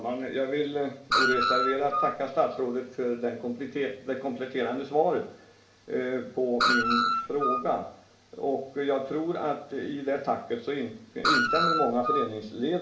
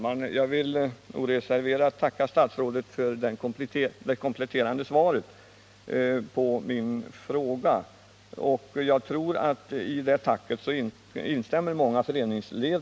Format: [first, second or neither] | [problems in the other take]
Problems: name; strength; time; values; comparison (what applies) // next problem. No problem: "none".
second | background sound (Screech); 3 dB above the speech // room echo; dies away in 0.5 s